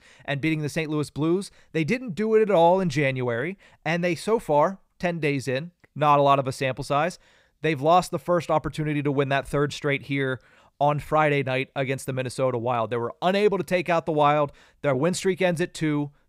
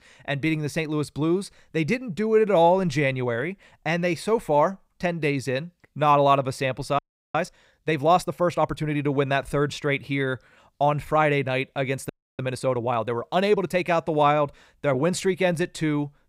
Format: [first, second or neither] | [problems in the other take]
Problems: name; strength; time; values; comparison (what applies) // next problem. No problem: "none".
first | audio freezing; at 7 s and at 12 s